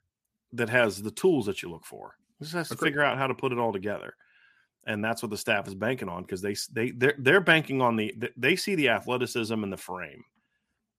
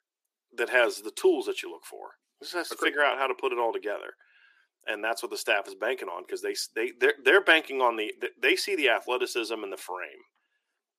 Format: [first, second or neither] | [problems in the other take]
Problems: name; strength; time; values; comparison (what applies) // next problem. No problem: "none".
first | thin; very; fading below 350 Hz